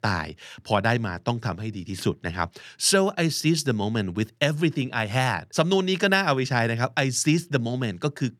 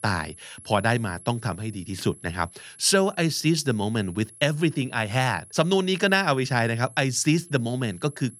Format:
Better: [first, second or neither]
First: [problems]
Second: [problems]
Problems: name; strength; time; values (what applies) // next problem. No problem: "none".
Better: first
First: none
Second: high-pitched whine; faint; throughout; 11 kHz, 20 dB below the speech